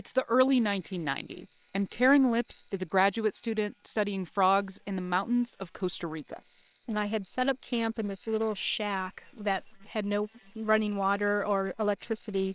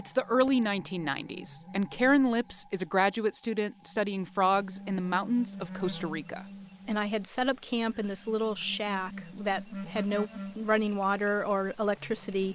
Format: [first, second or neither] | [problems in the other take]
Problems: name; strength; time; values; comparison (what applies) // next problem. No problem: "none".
second | noise reduction (neural separator model SepFormer WHAM!)